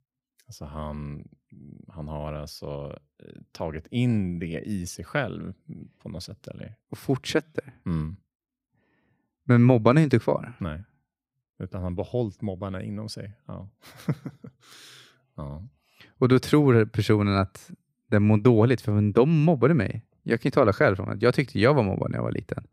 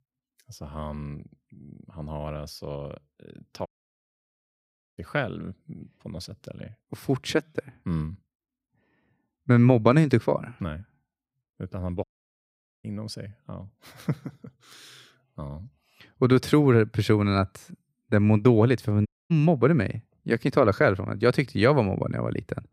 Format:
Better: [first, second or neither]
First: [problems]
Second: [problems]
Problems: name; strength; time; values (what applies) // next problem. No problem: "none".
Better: first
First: none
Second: audio cutting out; at 3.5 s for 1.5 s, at 12 s for 1 s and at 19 s